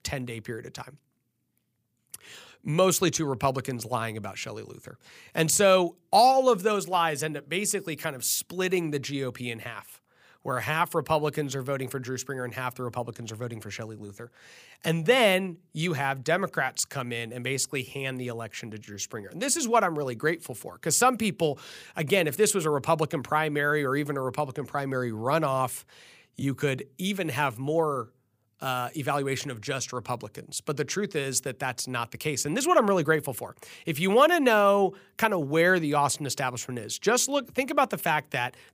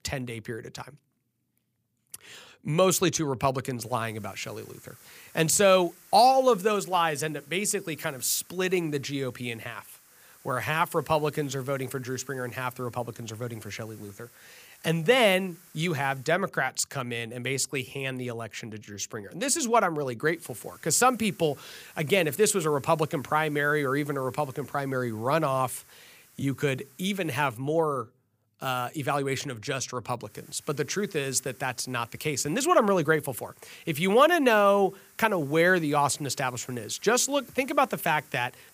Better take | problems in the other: first | hiss; faint; from 4 to 16 s, from 20 to 28 s and from 30 s on; 25 dB below the speech

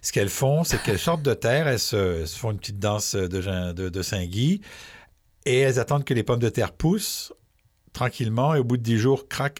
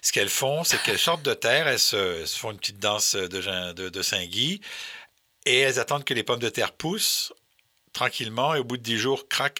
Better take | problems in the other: first | thin; somewhat; fading below 850 Hz

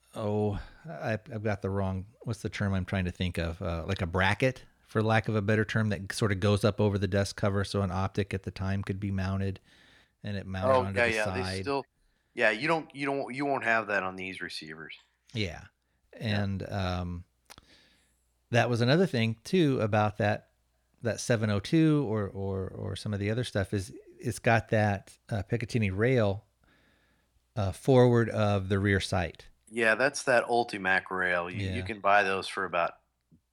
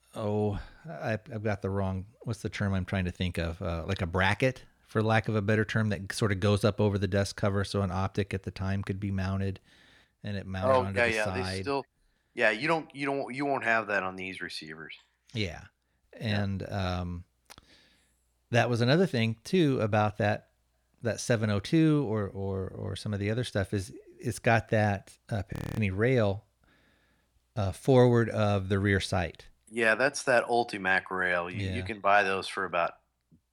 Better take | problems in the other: first | audio freezing; at 26 s

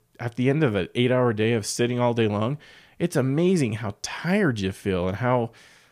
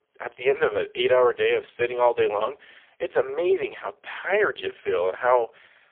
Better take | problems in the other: first | phone-call audio; poor line; nothing above 3.5 kHz

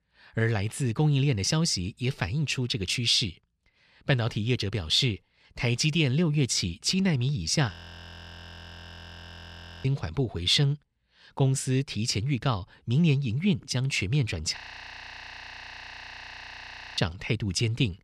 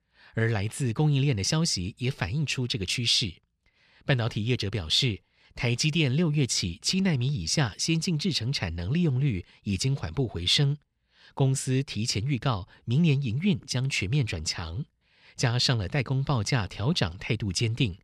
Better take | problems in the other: second | audio freezing; at 7.5 s for 2 s and at 15 s for 2.5 s

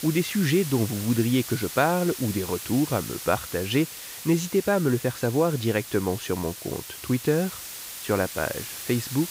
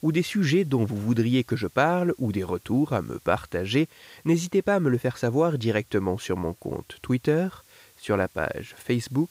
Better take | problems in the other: second | hiss; loud; throughout; 9 dB below the speech; faint in the second

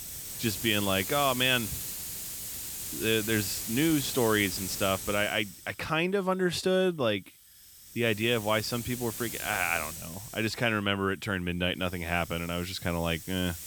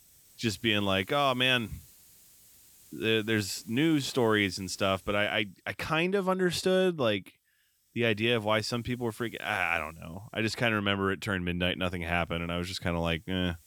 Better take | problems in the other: second | hiss; loud; throughout; 7 dB below the speech; faint in the second

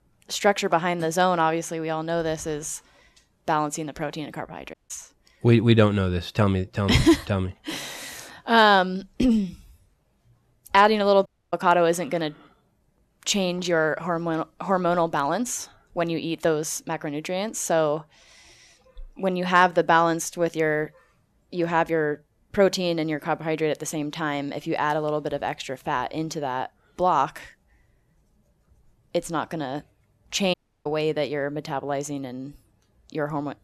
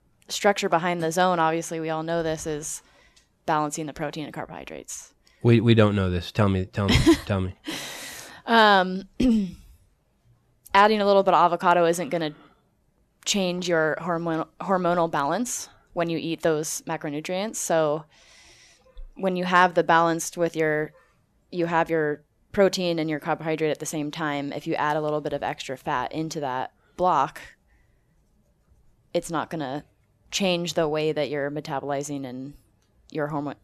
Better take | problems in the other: second | audio cutting out; at 4.5 s, at 11 s and at 31 s

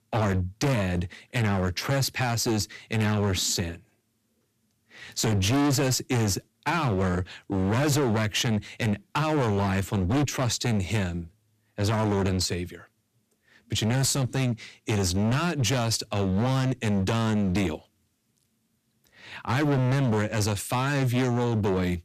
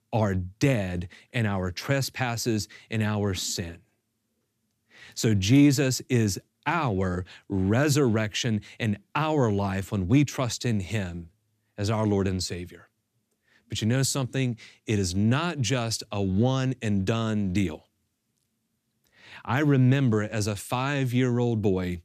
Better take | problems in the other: second | distortion; heavy; 18% of the sound clipped

